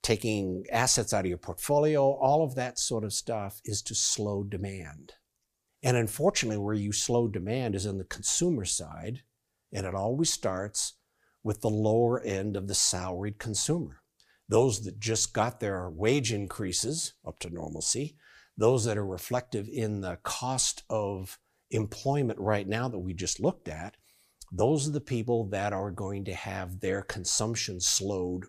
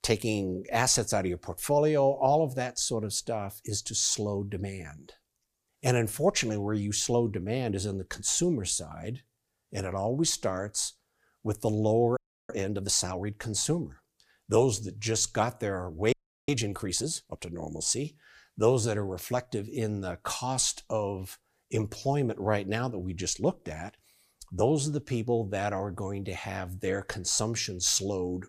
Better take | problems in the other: first | audio freezing; at 12 s and at 16 s

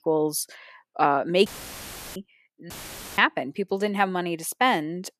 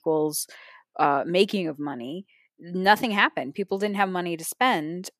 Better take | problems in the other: second | audio cutting out; filled with static; at 1.5 s for 0.5 s and at 2.5 s

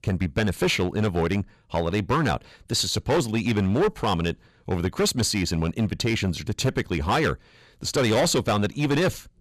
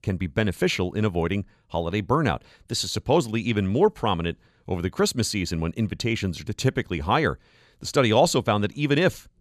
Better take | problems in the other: second | distortion; heavy; 11% of the sound clipped

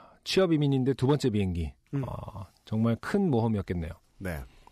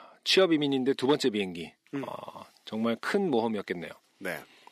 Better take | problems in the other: first | thin; very slightly; fading below 250 Hz

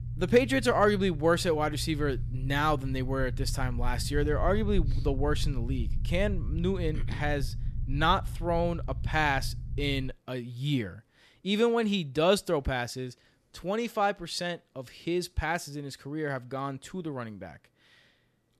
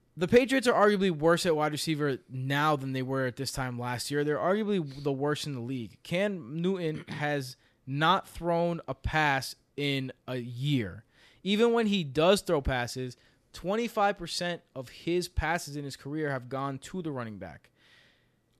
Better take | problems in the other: second | low rumble; faint; until 10 s; 20 dB below the speech

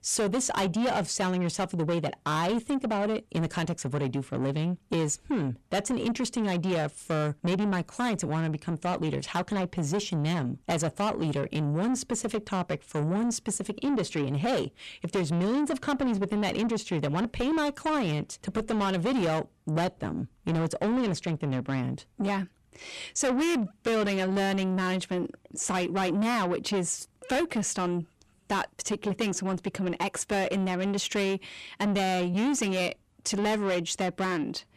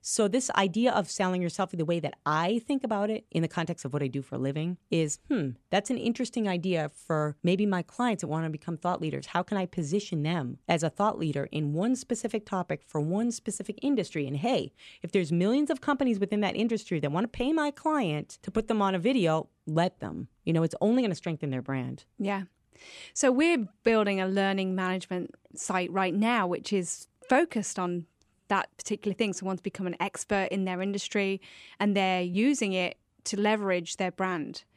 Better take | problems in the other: second | distortion; heavy; 8 dB below the speech

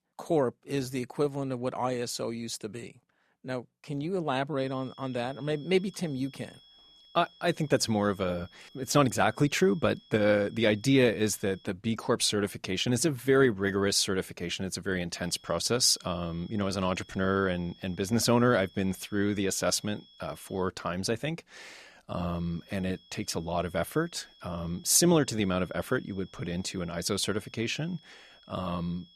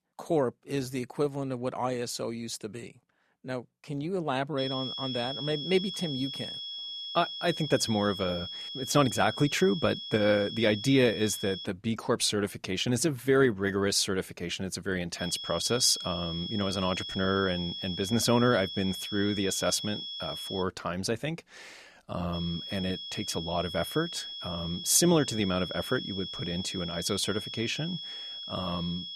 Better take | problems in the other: first | high-pitched whine; loud; from 4.5 to 12 s, from 15 to 21 s and from 22 s on; 3.5 kHz, 7 dB below the speech; faint in the first

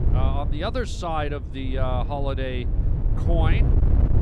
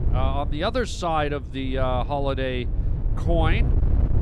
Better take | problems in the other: second | wind noise on the microphone; heavy; 9 dB below the speech; occasional gusts in the second

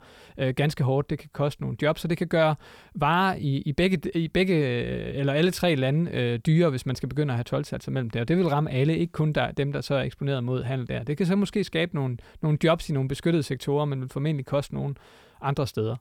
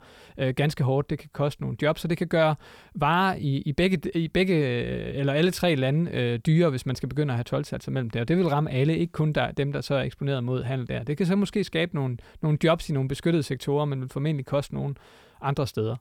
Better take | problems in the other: neither | none

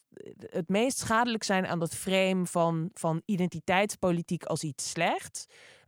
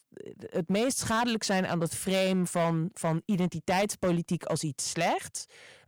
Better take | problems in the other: first | distortion; slight; 8% of the sound clipped

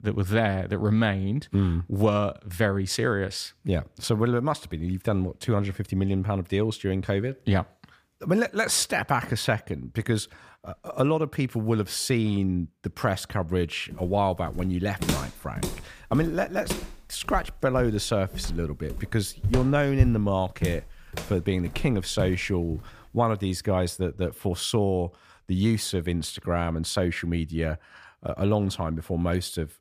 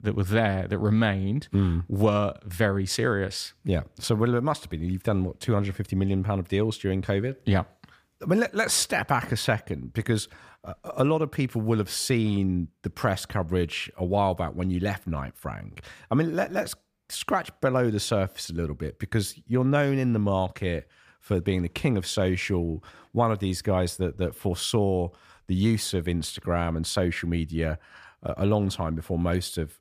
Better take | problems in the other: second | footsteps; loud; from 15 to 23 s; peak 1 dB above the speech

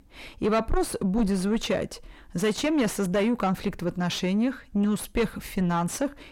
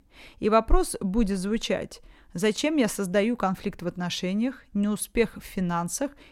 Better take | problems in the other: second | distortion; heavy; 6 dB below the speech

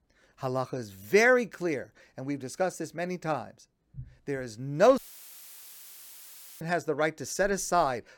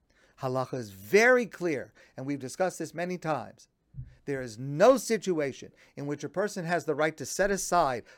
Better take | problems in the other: second | audio cutting out; filled with static; at 5 s for 1.5 s

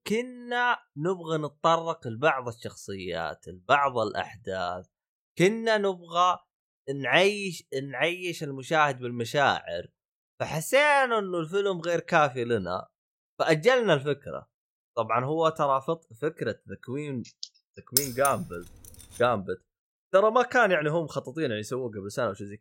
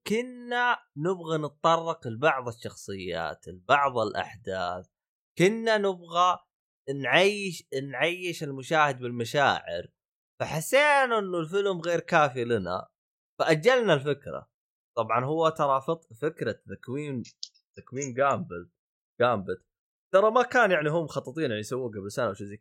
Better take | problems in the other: second | jangling keys; loud; at 18 s; peak 1 dB above the speech

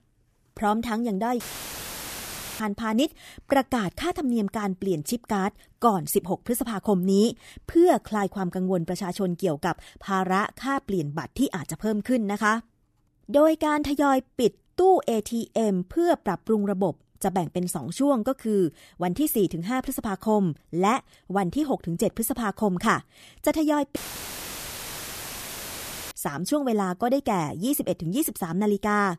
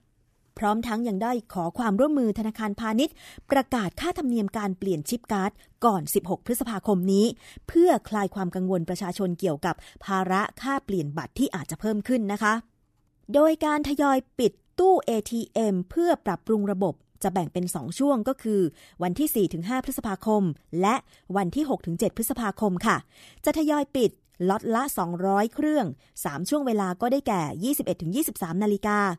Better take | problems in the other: second | audio cutting out; filled with static; at 1.5 s for 1 s and at 24 s for 2 s

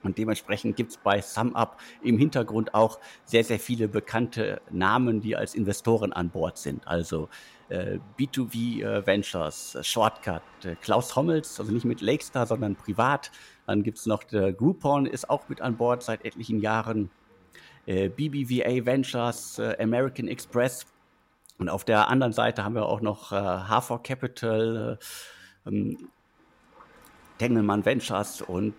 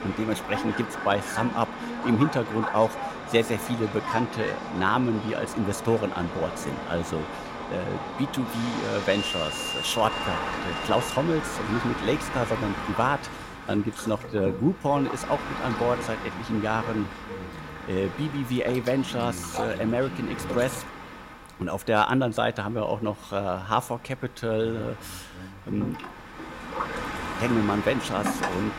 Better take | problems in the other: first | train or aircraft noise; loud; throughout; 6 dB below the speech; faint in the first

